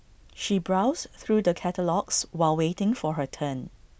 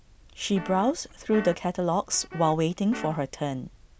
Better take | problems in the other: first | background sound (Guitar); 15 dB below the speech

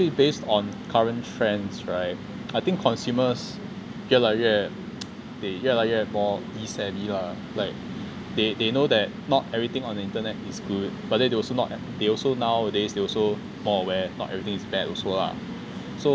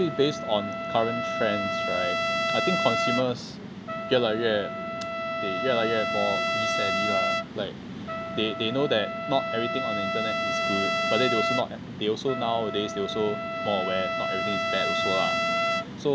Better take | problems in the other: first | background sound (Trumpet); as loud as the speech

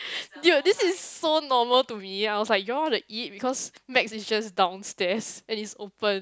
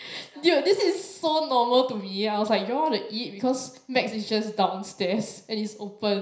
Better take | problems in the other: first | room echo; dies away in 0.5 s

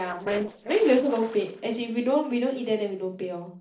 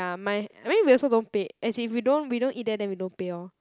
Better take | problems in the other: second | noise reduction (neural separator model SepFormer DNS4)

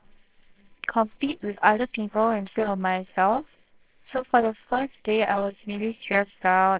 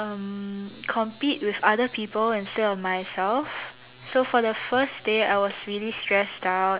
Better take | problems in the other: second | noise reduction (neural separator model SepFormer WHAMR!)

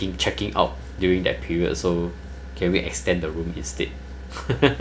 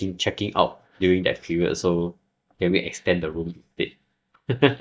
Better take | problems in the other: first | noise reduction (neural mask model DeepFilterNet 3)

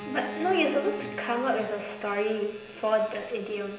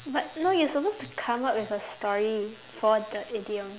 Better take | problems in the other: second | background sound (Bowed string instrument); 12 dB below the speech // room echo; dies away in 0.9 s

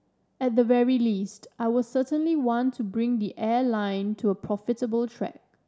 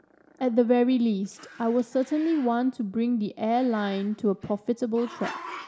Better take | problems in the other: first | background sound (Growling); 19 dB below the speech

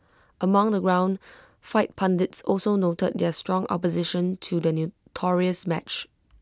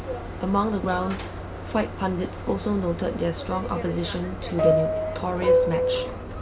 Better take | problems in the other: first | background sound (Subway, metro, underground); as loud as the speech // room echo; dies away in 0.3 s

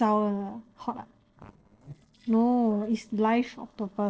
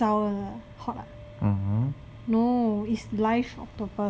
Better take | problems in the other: second | noise reduction (neural separator model SepFormer DNS4)

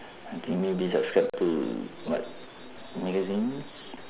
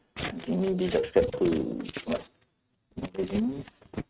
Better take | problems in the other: first | noise reduction (neural mask model RNNoise)

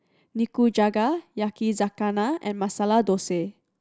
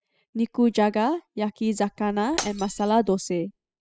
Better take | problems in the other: first | noise reduction (classical method spectral subtraction)

